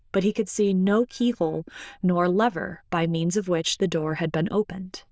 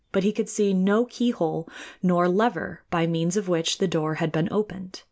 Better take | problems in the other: second | noise reduction (neural diffusion model UNIVERSE++)

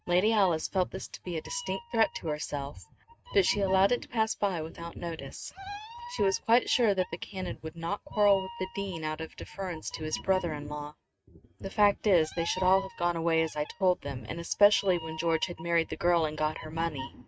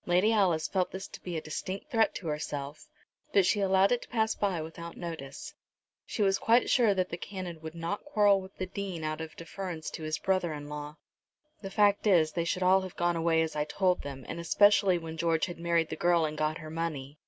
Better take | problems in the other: second | noise reduction (neural mask model RNNoise)

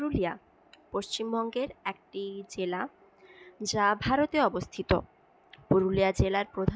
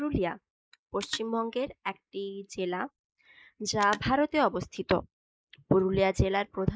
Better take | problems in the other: first | noise reduction (neural mask model Resemble Enhance denoiser)

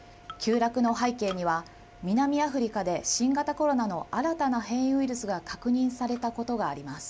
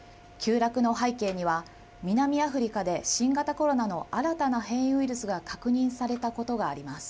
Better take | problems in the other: second | background sound (Marimba, xylophone); 18 dB below the speech

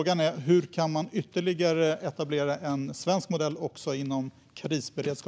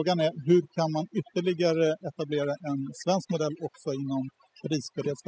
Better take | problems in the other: first | noise reduction (classical method spectral subtraction)

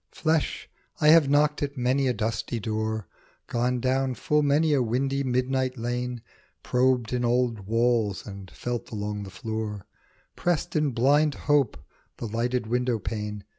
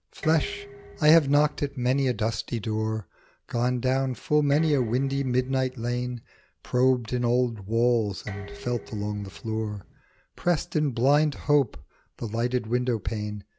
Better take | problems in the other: first | background sound (Dishes, pots, and pans); 20 dB below the speech

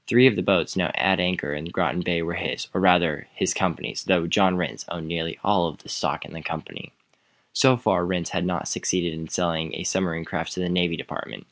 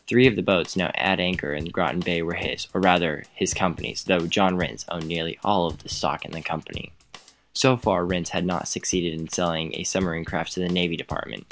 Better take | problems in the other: first | background sound (Drum kit); 19 dB below the speech

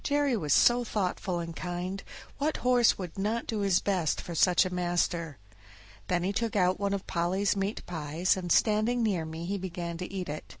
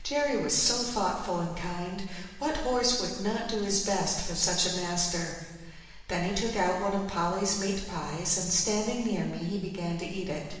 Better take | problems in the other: first | room echo; dies away in 1.3 s

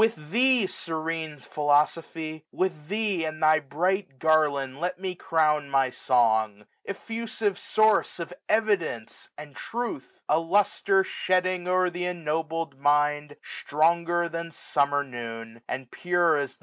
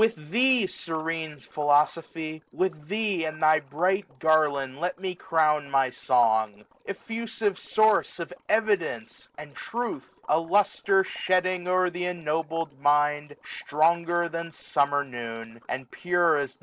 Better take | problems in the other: first | noise reduction (neural separator model SepFormer DNS4)

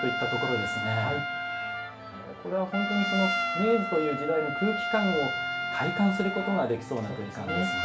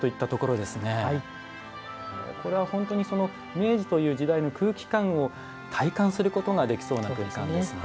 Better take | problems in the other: second | background sound (Trumpet); 2 dB below the speech // room echo; dies away in 0.3 s

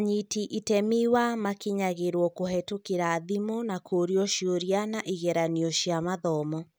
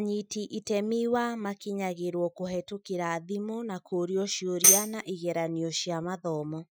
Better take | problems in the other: first | noise reduction (classical method Wiener filter)

